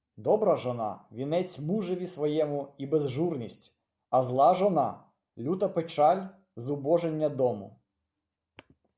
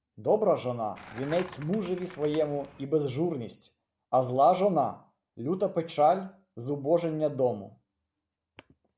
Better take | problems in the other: first | background sound (Skateboard); 17 dB below the speech

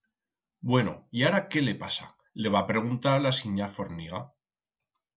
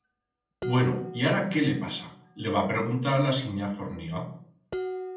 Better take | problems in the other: first | background sound (Dishes, pots, and pans); 11 dB below the speech // room echo; dies away in 0.6 s

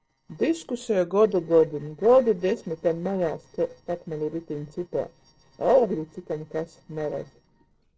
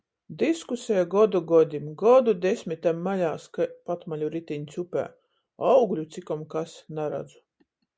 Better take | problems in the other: second | noise reduction (neural separator model SepFormer DNS4)

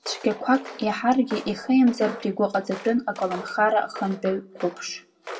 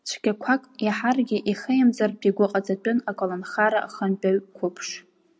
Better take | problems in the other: second | background sound (Walk, footsteps); 16 dB below the speech // room echo; dies away in 0.1 s

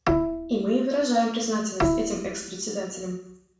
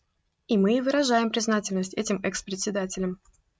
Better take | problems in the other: second | background sound (Bowed string instrument); 2 dB below the speech // room echo; dies away in 0.6 s

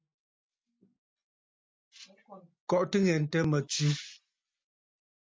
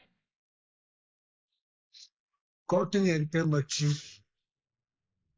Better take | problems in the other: first | noise reduction (neural mask model Resemble Enhance denoiser)

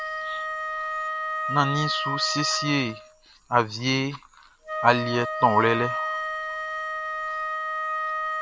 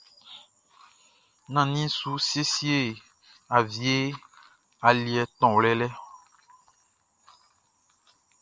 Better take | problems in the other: second | background sound (Wind instrument, woodwind instrument); 3 dB below the speech

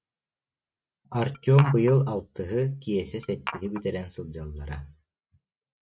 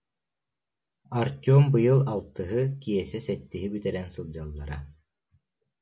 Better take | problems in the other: second | noise reduction (neural mask model RNNoise)

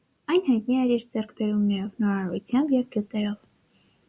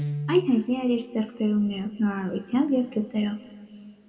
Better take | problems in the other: first | background sound (Guitar); 13 dB below the speech // room echo; dies away in 2 s

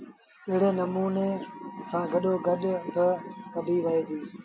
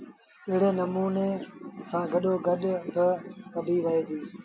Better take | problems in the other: second | background sound (Wind instrument, woodwind instrument); 18 dB below the speech

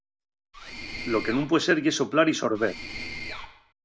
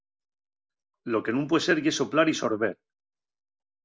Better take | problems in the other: second | background sound (Mechanisms); 10 dB below the speech

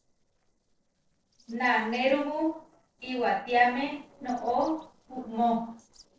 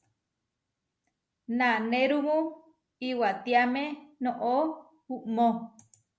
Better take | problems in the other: second | noise reduction (neural separator model SepFormer DNS4)

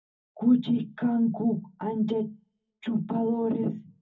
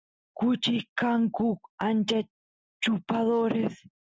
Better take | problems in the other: second | room echo; dies away in 0.4 s

